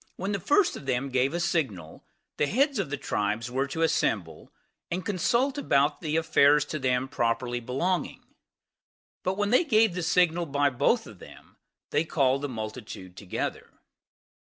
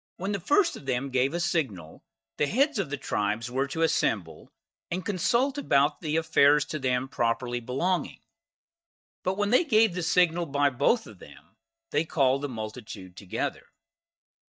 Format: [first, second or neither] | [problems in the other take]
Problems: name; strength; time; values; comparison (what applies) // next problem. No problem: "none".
first | noise reduction (neural mask model DeepFilterNet 3)